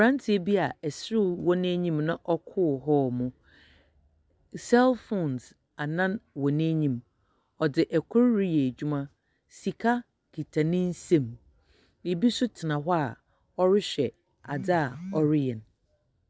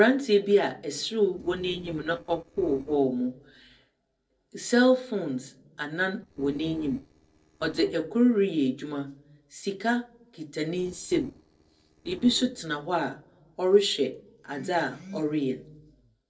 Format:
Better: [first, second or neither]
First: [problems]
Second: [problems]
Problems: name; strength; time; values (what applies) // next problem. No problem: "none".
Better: first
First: none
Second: noise reduction (neural separator model SepFormer DNS4)